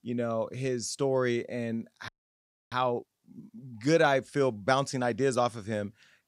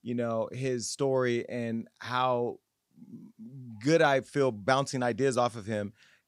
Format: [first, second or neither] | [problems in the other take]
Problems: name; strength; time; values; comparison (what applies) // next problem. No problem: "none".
second | audio freezing; at 2 s for 0.5 s